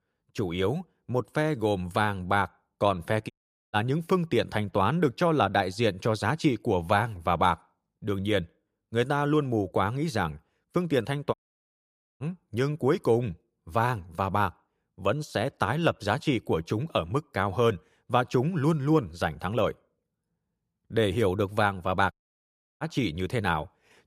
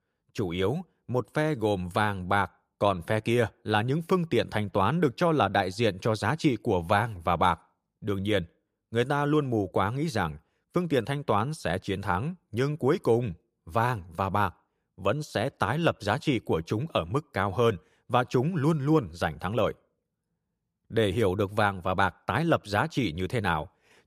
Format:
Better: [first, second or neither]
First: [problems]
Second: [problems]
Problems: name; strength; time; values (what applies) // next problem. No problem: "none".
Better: second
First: audio cutting out; at 3.5 s, at 11 s for 1 s and at 22 s for 0.5 s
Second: none